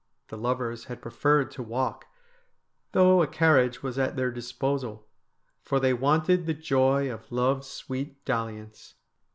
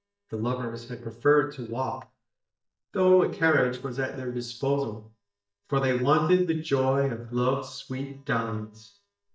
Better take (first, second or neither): first